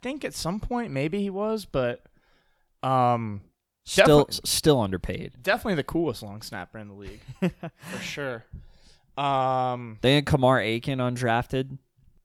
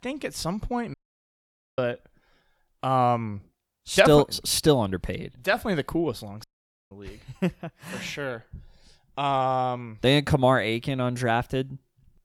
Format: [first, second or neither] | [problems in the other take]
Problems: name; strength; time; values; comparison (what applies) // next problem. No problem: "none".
first | audio cutting out; at 1 s for 1 s and at 6.5 s